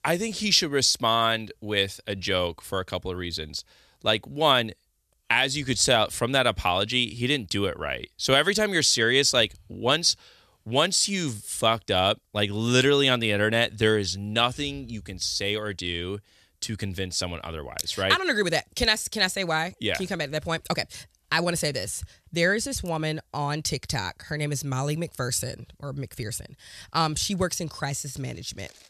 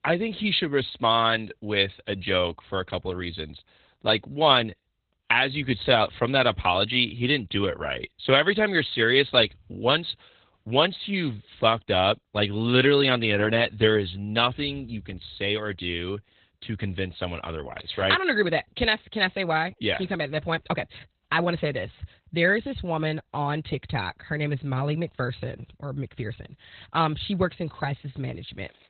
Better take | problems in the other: first | garbled, watery; badly; nothing above 4 kHz

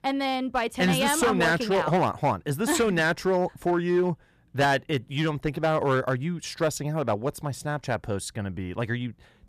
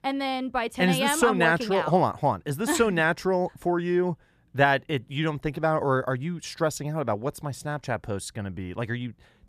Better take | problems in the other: second | distortion; slight; 5% of the sound clipped

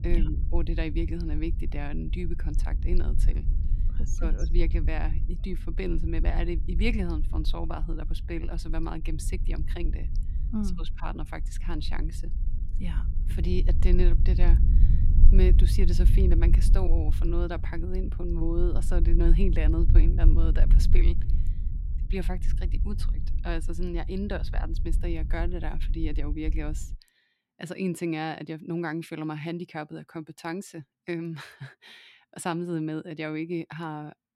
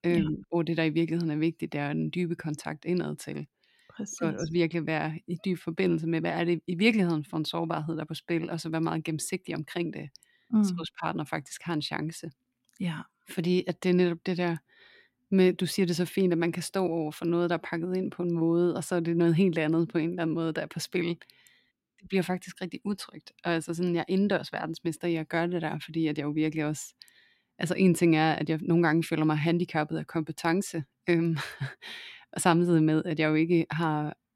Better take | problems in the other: second | low rumble; noticeable; until 27 s; 10 dB below the speech

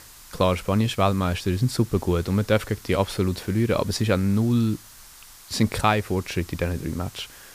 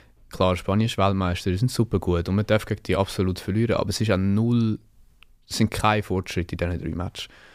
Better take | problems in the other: second | hiss; faint; throughout; 20 dB below the speech

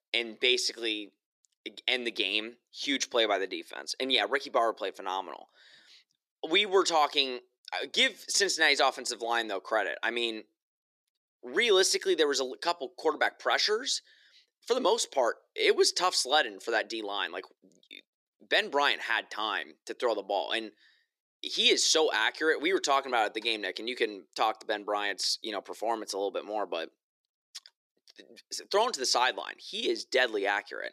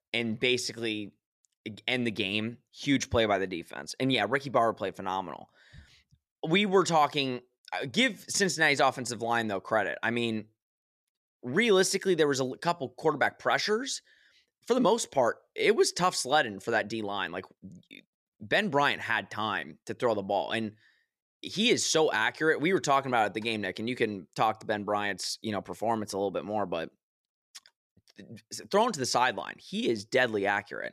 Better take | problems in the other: second | thin; somewhat; fading below 350 Hz

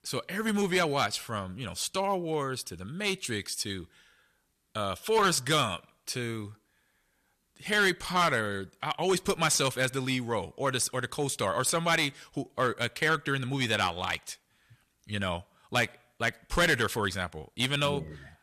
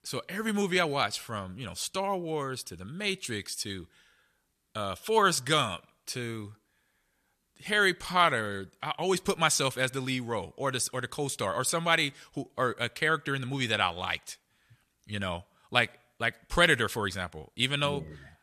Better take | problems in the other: second | distortion; slight; 3% of the sound clipped

